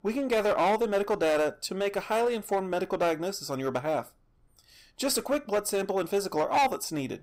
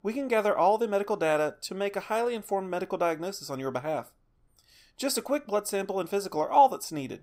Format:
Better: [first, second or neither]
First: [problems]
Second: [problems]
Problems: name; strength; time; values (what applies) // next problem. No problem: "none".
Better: second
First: distortion; heavy; 8% of the sound clipped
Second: none